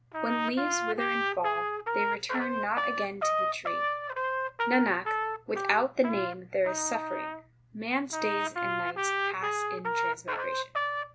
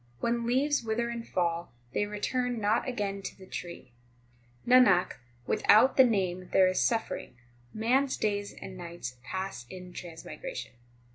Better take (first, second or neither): second